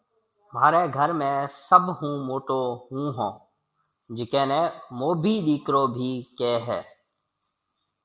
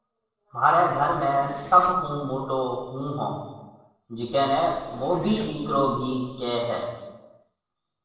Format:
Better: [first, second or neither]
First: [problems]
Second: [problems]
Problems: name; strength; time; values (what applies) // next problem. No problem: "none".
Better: first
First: none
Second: noise reduction (neural separator model SepFormer DNS4)